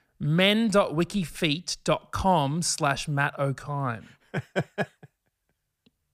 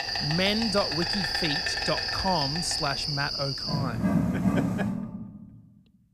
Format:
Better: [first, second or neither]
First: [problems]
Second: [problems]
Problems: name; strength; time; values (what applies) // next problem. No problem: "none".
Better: first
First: none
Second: animal sounds; very loud; until 5 s; 3 dB above the speech